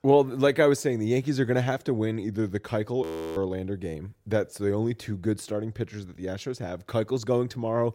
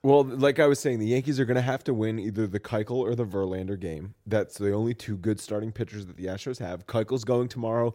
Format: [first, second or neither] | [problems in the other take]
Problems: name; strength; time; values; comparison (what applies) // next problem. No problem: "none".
second | audio freezing; at 3 s